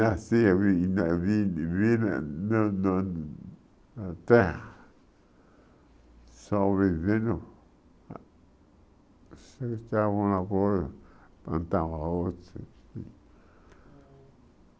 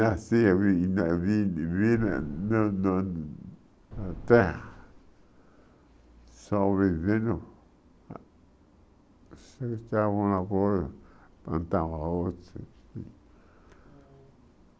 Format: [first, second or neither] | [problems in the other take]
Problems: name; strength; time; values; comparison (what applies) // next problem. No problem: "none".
first | background sound (Boom); 16 dB below the speech